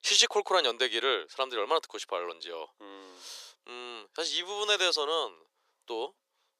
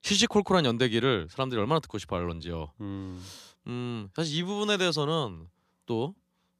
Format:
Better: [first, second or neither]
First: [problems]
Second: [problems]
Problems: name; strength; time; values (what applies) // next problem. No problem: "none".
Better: second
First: thin; very; fading below 400 Hz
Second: none